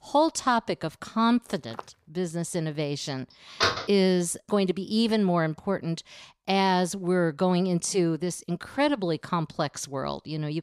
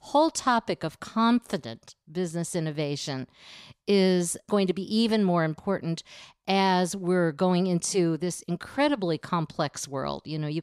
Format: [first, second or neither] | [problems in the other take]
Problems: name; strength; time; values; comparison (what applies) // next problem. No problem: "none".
second | footsteps; faint; at 1.5 s; peak 15 dB below the speech // door banging; loud; at 3.5 s; peak 1 dB above the speech